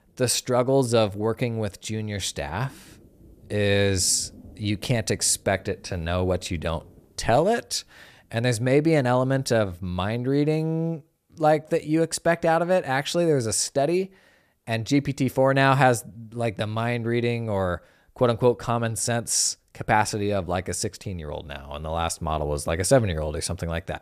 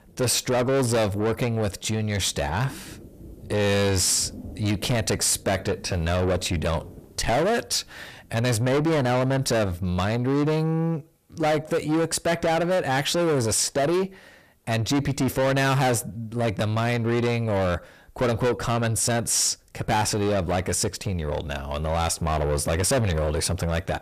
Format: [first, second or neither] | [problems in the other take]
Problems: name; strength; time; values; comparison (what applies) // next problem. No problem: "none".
first | distortion; heavy; 6 dB below the speech